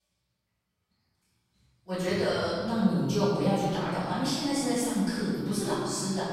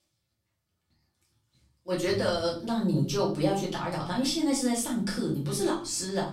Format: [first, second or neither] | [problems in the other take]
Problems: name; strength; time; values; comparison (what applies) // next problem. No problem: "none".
second | room echo; strong; dies away in 2 s; slight in the second // off-mic speech; far; far in the second